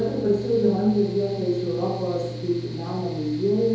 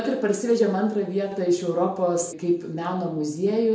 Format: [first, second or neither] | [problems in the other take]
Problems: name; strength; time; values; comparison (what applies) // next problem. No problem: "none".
second | background sound (Mechanical fan); 11 dB below the speech // room echo; dies away in 2.6 s